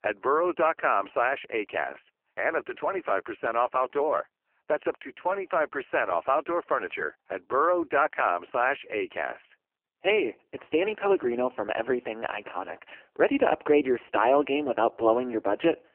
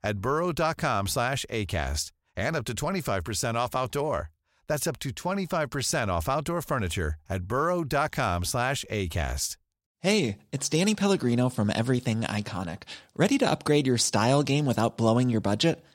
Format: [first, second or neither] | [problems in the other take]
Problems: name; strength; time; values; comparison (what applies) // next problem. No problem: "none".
second | phone-call audio; poor line; nothing above 3 kHz